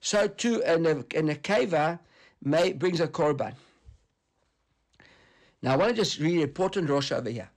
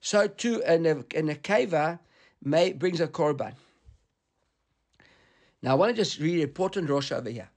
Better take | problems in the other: second | distortion; slight; 10 dB below the speech

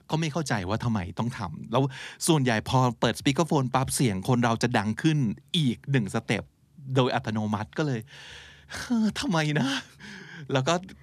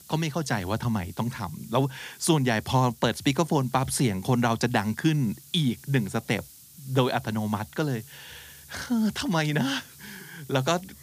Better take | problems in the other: first | hiss; faint; throughout; 20 dB below the speech

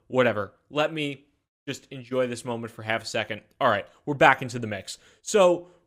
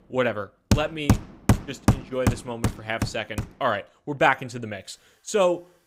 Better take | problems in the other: first | machinery noise; very loud; throughout; 1 dB above the speech

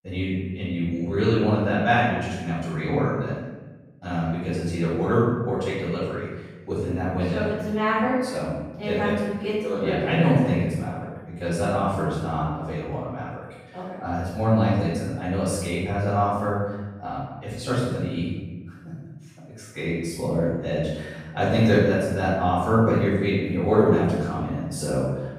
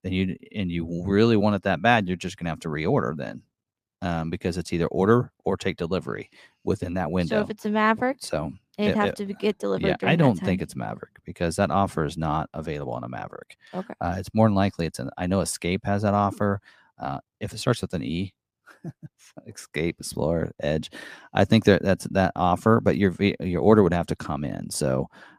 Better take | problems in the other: second | off-mic speech; far // room echo; strong; dies away in 1 s

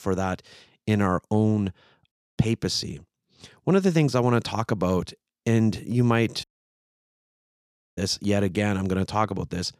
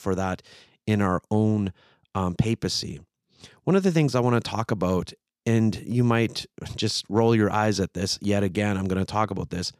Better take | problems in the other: second | audio cutting out; at 2 s and at 6.5 s for 1.5 s

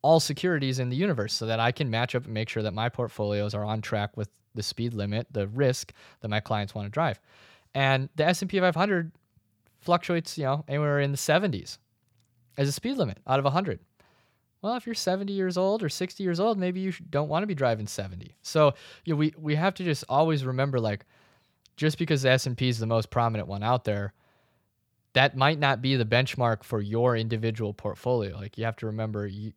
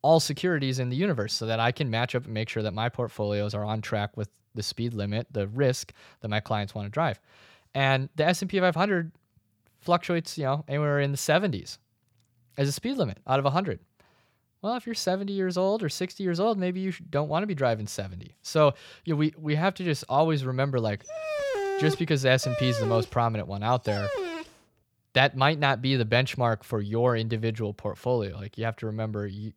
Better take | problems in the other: first | dog barking; noticeable; from 21 to 24 s; peak 2 dB below the speech

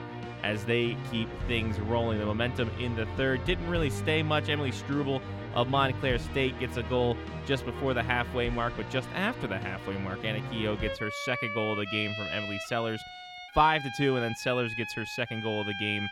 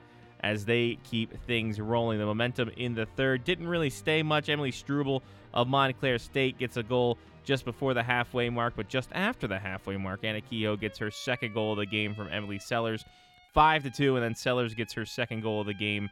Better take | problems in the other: second | background music; loud; throughout; 6 dB below the speech; faint in the second

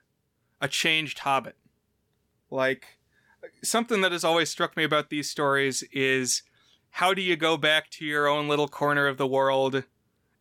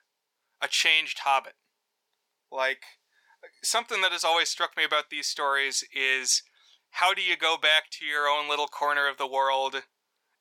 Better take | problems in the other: first | thin; very; fading below 700 Hz

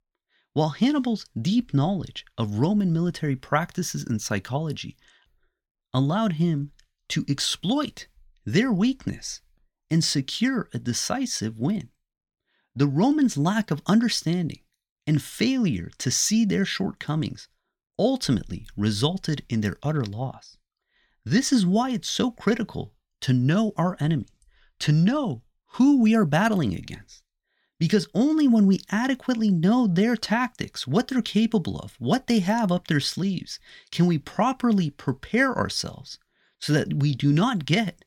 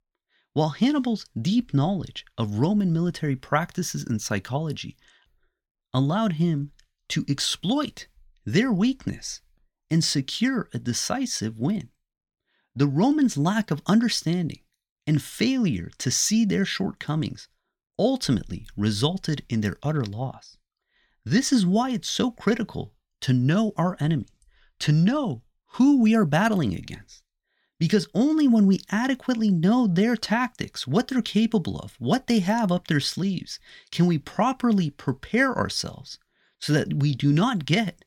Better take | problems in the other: neither | none

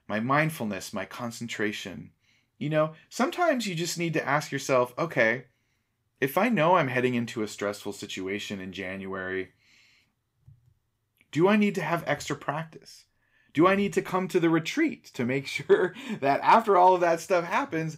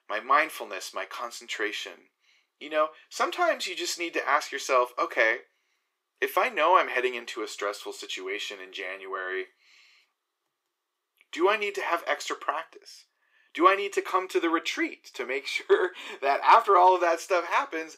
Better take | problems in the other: first | thin; very; fading below 350 Hz

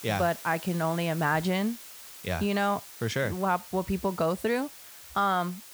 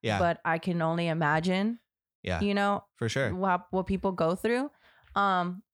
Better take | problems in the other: second | hiss; noticeable; throughout; 15 dB below the speech

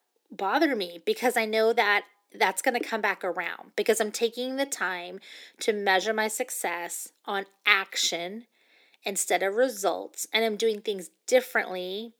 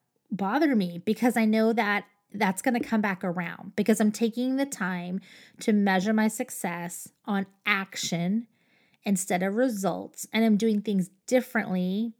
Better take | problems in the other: second | thin; very; fading below 350 Hz

